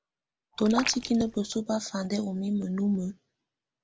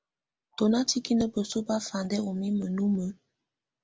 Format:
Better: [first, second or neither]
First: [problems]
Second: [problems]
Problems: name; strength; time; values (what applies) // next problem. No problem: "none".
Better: second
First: background sound (Raindrop); 8 dB below the speech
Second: none